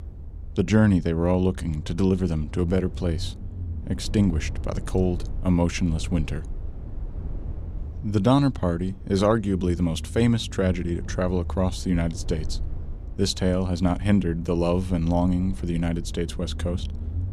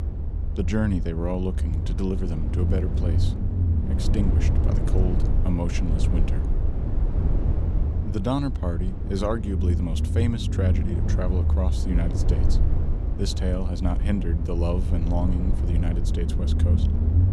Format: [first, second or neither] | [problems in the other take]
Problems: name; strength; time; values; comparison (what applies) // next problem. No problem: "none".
first | low rumble; loud; throughout; 5 dB below the speech; faint in the first